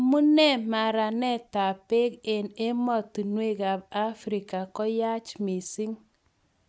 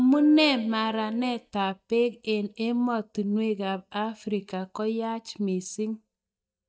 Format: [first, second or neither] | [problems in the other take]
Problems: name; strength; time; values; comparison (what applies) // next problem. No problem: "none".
first | noise reduction (neural mask model DeepFilterNet 3)